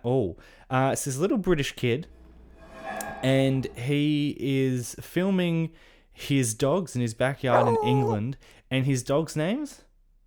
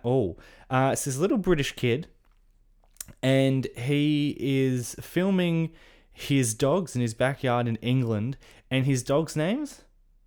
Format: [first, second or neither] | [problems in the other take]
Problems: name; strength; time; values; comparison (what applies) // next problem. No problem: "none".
second | clattering dishes; noticeable; from 2 to 4 s; peak 9 dB below the speech // dog barking; loud; at 7.5 s; peak 3 dB above the speech